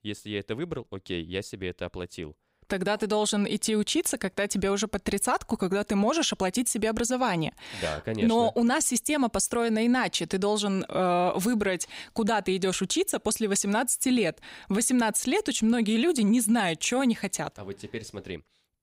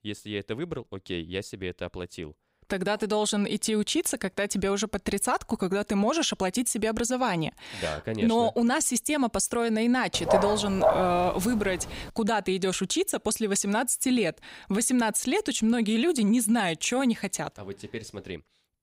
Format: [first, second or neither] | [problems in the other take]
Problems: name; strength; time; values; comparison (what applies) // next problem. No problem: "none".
first | dog barking; loud; from 10 to 12 s; peak 2 dB above the speech